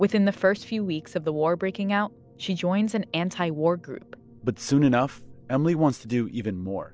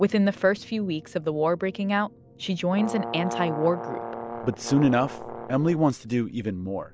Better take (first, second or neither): first